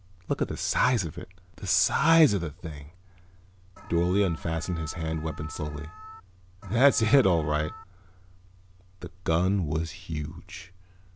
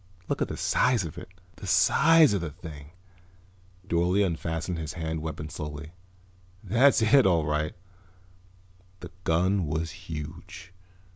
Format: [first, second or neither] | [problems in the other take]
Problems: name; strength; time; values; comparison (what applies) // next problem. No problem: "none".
second | background sound (Alarm); 17 dB below the speech